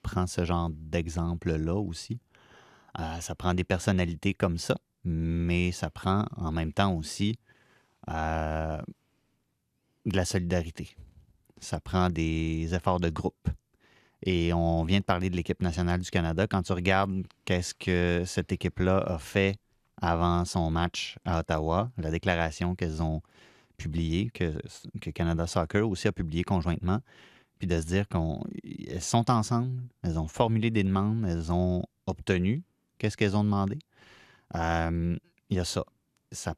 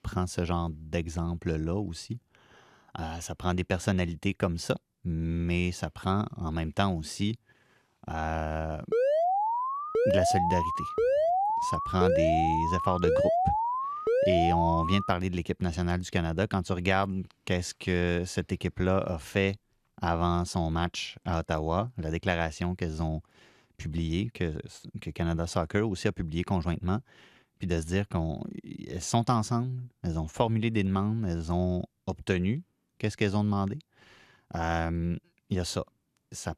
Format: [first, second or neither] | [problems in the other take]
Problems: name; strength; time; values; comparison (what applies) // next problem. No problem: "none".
first | alarm; loud; from 9 to 15 s; peak 6 dB above the speech